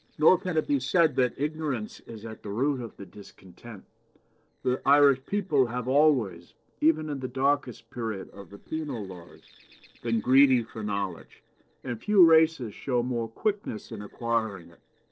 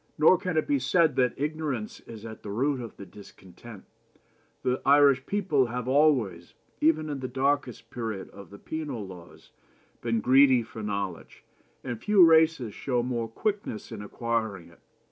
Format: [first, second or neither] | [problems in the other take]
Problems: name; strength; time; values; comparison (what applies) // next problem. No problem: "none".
second | noise reduction (neural separator model SepFormer DNS4)